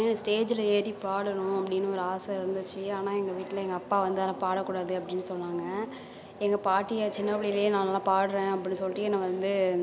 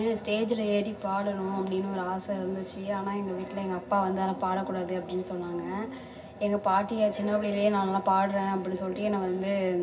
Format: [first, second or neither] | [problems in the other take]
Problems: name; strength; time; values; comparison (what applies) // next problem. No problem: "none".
first | room echo; dies away in 0.4 s